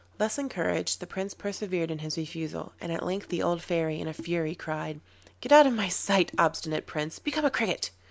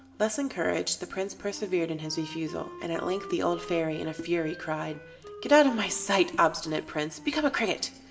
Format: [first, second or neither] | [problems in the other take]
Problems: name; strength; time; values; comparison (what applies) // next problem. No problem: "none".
first | background sound (Wind instrument, woodwind instrument); 18 dB below the speech // room echo; dies away in 1 s